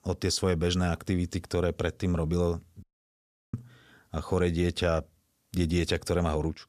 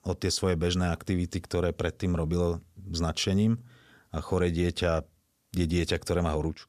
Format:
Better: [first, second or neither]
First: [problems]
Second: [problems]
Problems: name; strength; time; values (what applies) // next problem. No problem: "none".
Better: second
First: audio cutting out; at 3 s for 0.5 s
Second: none